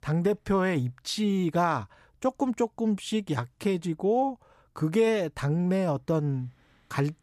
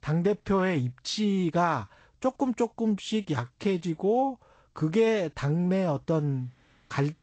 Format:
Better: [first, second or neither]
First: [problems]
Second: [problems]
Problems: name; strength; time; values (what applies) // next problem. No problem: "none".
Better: first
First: none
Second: garbled, watery; slightly; nothing above 8 kHz